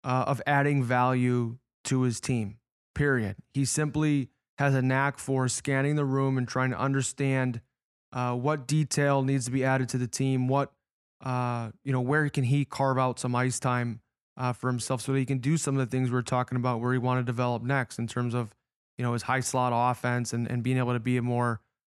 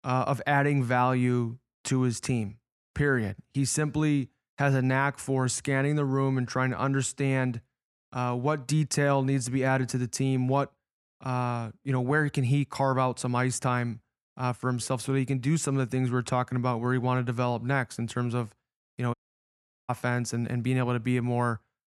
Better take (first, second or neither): first